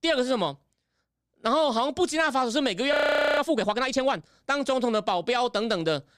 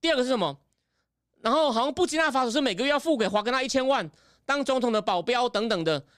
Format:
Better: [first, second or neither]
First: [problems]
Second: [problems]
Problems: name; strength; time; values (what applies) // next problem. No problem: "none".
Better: second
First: audio freezing; at 3 s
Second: none